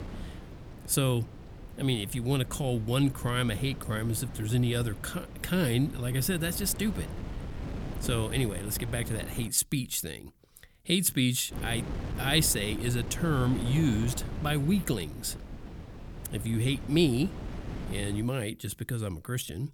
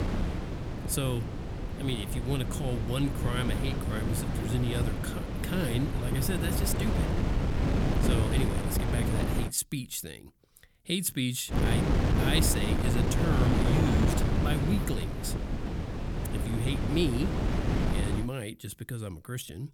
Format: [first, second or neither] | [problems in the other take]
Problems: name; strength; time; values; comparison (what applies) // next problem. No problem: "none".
first | wind noise on the microphone; heavy; until 9.5 s and from 12 to 18 s; as loud as the speech; occasional gusts in the first